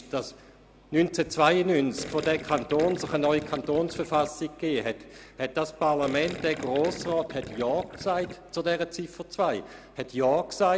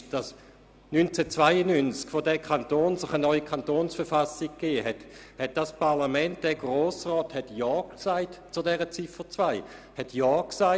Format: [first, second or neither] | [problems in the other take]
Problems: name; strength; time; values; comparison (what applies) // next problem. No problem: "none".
second | background sound (Gurgling); 13 dB below the speech